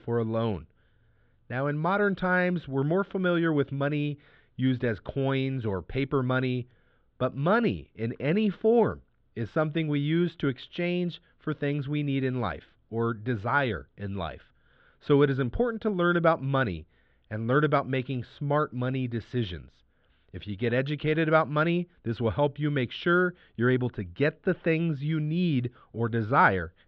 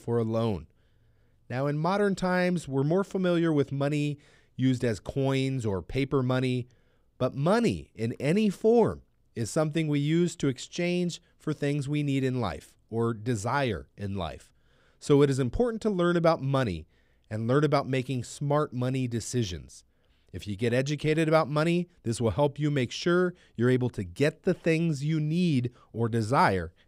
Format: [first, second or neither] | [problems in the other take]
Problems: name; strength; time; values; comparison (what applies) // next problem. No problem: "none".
second | muffled; very; fading above 3.5 kHz